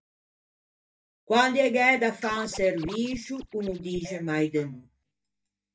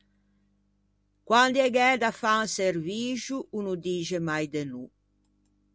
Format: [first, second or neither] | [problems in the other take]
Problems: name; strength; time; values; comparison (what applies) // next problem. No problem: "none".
second | noise reduction (neural mask model DeepFilterNet 3)